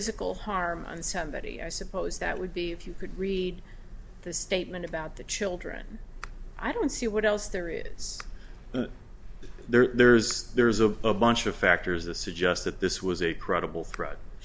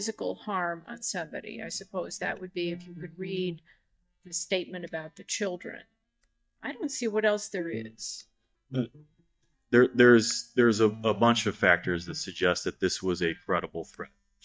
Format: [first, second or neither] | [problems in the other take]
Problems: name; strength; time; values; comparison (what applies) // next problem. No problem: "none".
first | noise reduction (neural mask model DeepFilterNet 3)